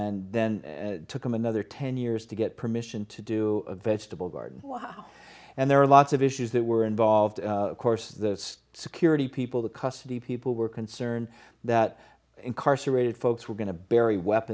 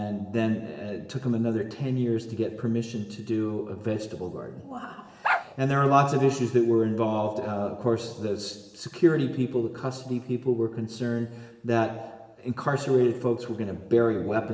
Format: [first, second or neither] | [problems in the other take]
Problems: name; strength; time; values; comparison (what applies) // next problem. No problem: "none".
first | background sound (Bark); 4 dB below the speech // room echo; dies away in 1.1 s